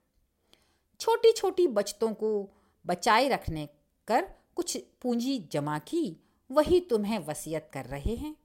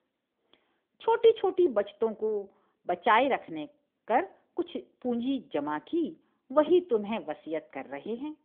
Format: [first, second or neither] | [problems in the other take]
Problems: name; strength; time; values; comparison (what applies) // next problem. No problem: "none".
first | phone-call audio; nothing above 3.5 kHz